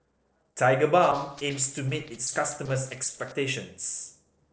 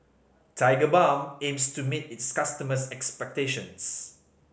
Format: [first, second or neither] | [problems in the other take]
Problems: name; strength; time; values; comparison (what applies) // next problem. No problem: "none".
second | noise reduction (neural separator model SepFormer DNS4)